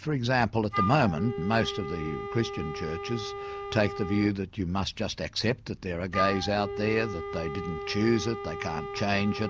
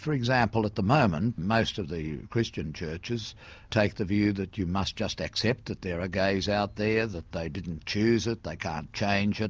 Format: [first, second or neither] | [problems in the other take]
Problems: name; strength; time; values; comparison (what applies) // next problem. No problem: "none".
second | background sound (Wind instrument, woodwind instrument); 8 dB below the speech